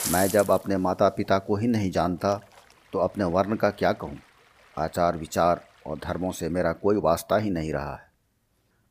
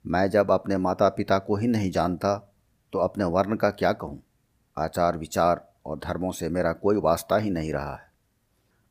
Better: second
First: rain or running water; loud; until 6.5 s; 9 dB below the speech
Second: none

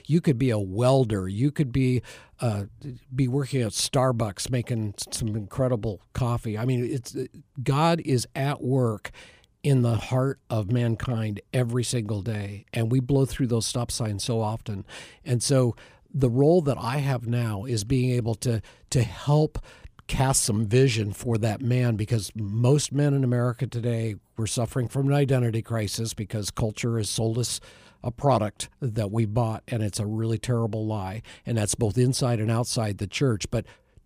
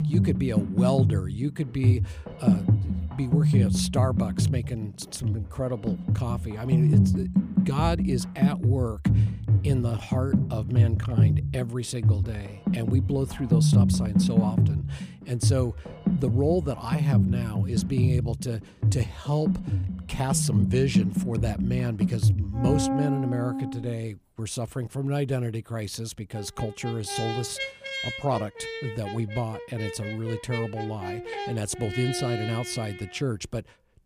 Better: first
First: none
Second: background music; very loud; throughout; 4 dB above the speech

